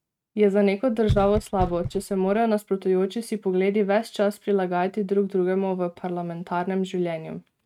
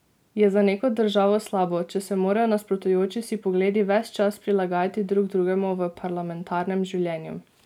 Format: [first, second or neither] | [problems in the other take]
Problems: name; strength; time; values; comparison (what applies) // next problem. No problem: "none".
second | noise reduction (neural mask model RNNoise)